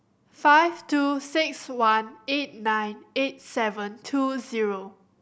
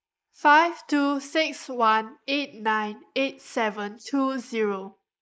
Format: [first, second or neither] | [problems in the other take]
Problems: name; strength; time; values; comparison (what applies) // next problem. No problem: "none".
first | noise reduction (neural mask model Resemble Enhance denoiser)